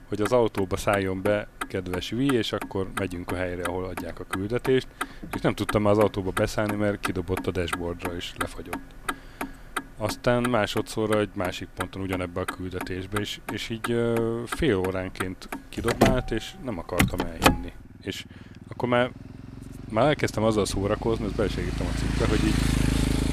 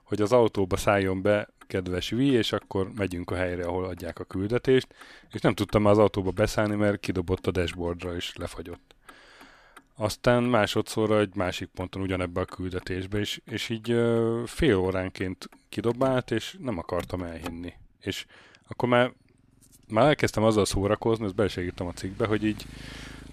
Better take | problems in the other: second | traffic noise; loud; throughout; 4 dB below the speech; faint in the second

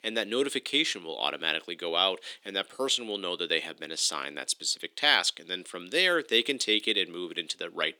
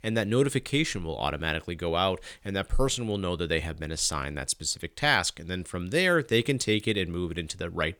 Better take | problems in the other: second | thin; somewhat; fading below 250 Hz

